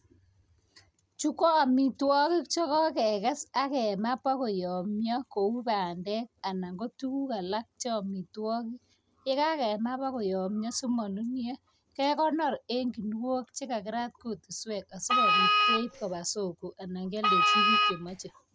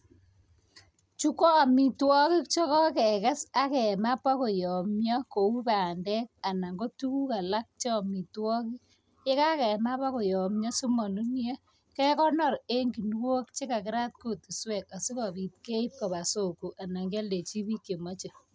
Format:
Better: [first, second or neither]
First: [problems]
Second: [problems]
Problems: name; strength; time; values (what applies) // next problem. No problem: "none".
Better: second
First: background sound (Wind instrument, woodwind instrument); 5 dB above the speech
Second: none